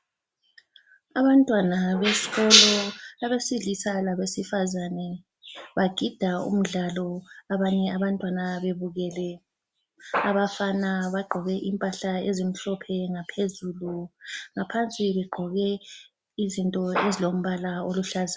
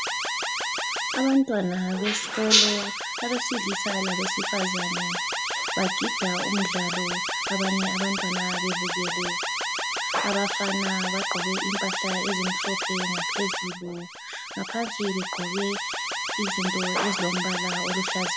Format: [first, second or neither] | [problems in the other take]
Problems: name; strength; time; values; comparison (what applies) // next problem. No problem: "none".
first | background sound (Alarm); as loud as the speech